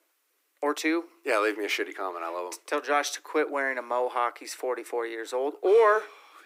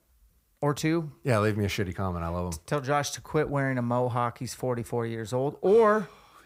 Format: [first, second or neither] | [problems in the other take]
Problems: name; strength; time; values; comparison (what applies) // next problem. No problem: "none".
second | thin; very; fading below 300 Hz